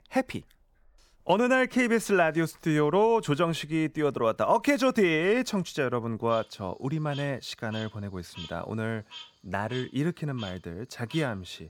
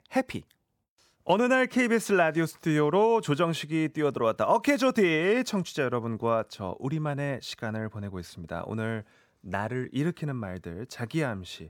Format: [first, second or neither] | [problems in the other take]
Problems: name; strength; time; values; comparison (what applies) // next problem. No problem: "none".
second | animal sounds; noticeable; throughout; 20 dB below the speech